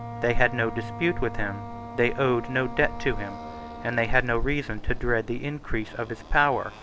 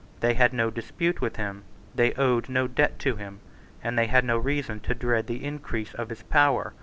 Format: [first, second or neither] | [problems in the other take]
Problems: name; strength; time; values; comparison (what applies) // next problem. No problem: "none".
second | background sound (Motorcycle + Wind instrument, woodwind instrument); 13 dB below the speech